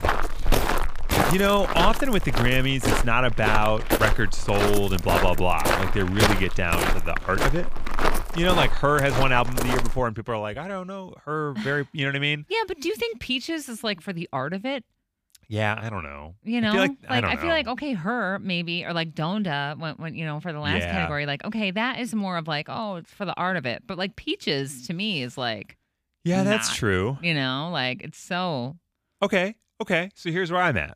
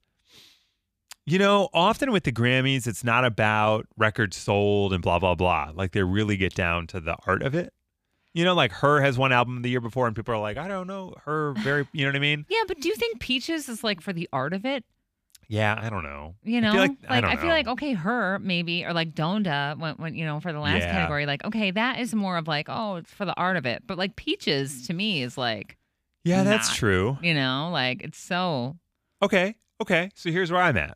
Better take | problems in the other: second | footsteps; loud; until 10 s; peak 3 dB above the speech

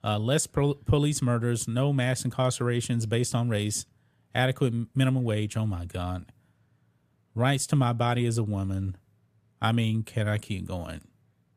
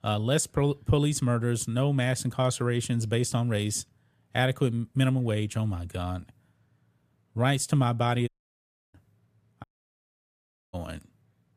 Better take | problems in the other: first | audio cutting out; at 8.5 s for 0.5 s and at 9.5 s for 1 s

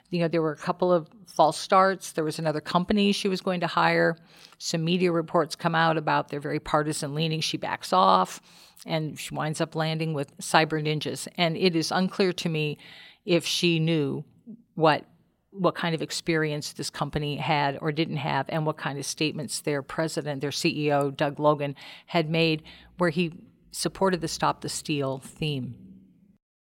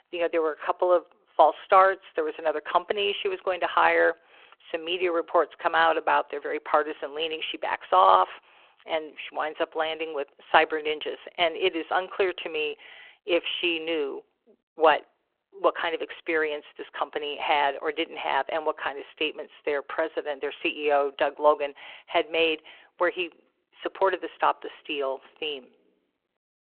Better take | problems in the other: first | phone-call audio

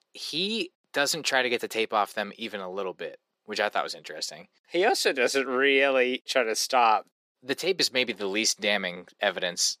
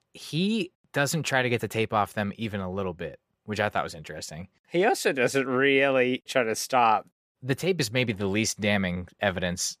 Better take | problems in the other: second | thin; somewhat; fading below 300 Hz

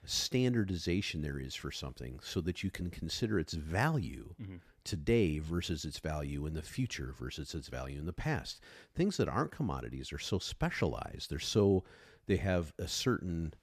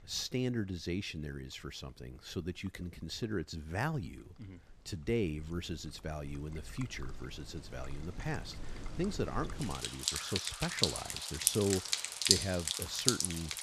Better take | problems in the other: first | rain or running water; very loud; throughout; 5 dB above the speech

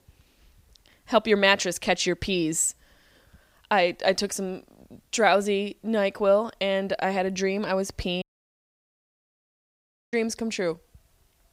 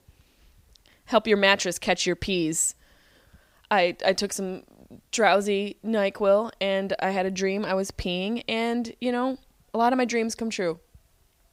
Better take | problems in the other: second | audio cutting out; at 8 s for 2 s

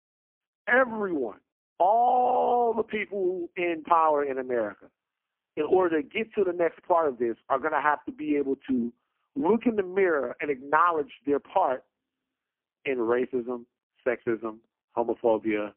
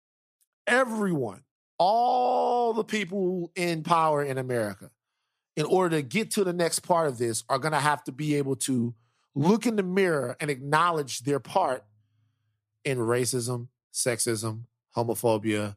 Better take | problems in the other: second | phone-call audio; poor line; nothing above 3 kHz

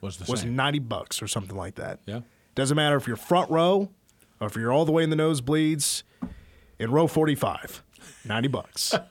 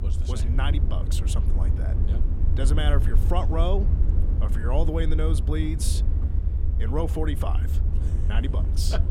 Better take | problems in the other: first | low rumble; loud; throughout; 8 dB below the speech

